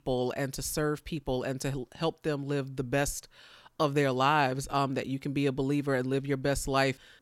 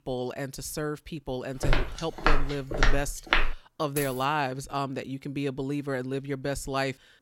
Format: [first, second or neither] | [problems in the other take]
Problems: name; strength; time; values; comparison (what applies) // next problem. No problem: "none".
first | footsteps; loud; from 1.5 to 3.5 s; peak 6 dB above the speech // jangling keys; noticeable; at 4 s; peak 4 dB below the speech